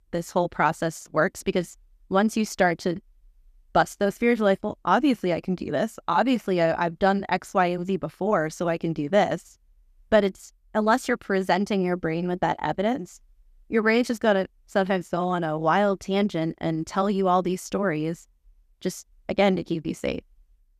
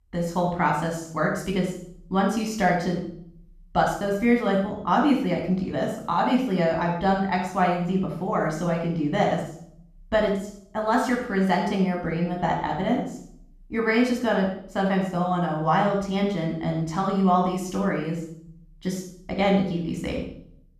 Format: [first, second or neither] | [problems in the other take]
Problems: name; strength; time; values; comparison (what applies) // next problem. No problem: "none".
first | off-mic speech; somewhat distant // room echo; noticeable; dies away in 0.6 s